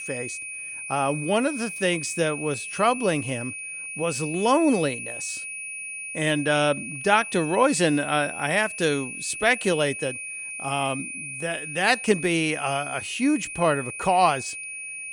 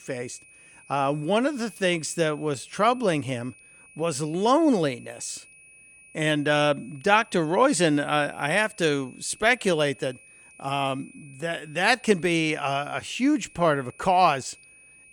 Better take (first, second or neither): second